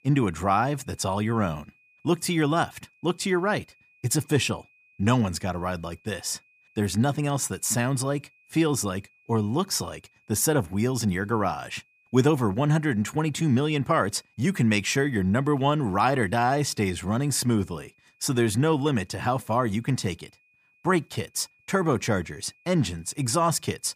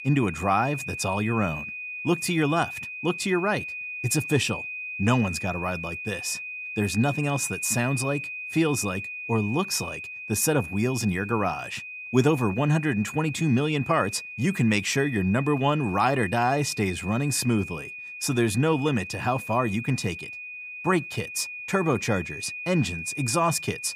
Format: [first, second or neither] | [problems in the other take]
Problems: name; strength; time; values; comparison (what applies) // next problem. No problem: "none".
first | high-pitched whine; loud; throughout; 2.5 kHz, 8 dB below the speech; faint in the first